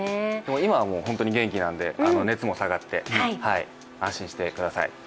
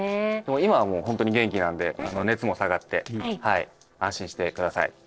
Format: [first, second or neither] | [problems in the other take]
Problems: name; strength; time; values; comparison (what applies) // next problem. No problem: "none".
first | noise reduction (neural separator model SepFormer DNS4)